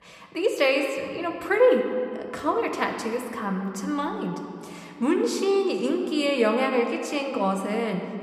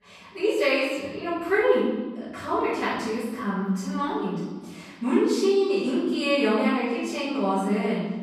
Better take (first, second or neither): first